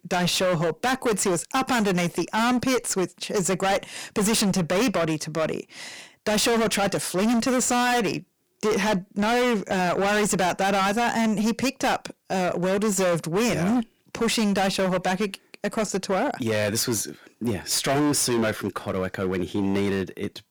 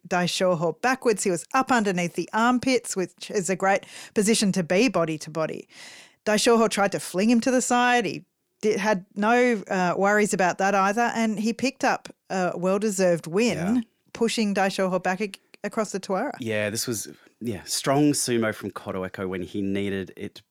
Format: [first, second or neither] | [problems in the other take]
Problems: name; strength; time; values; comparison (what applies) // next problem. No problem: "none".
second | distortion; heavy; 25% of the sound clipped